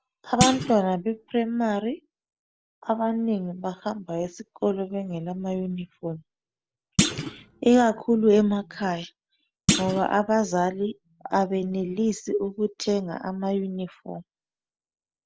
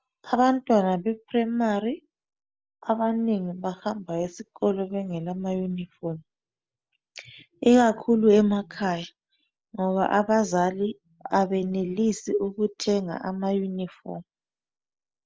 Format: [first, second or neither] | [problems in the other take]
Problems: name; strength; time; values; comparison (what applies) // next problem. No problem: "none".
second | background sound (Thump, thud); 3 dB below the speech